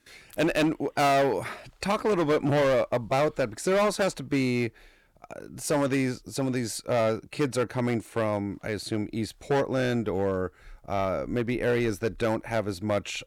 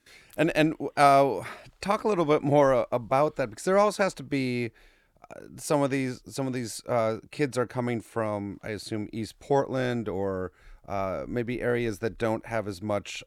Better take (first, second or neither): second